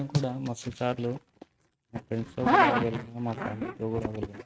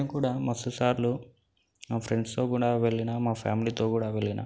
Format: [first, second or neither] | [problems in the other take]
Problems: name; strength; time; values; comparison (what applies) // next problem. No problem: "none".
second | noise reduction (neural mask model RNNoise)